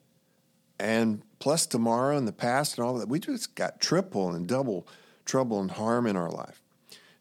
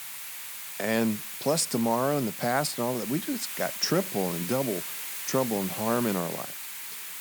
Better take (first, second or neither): first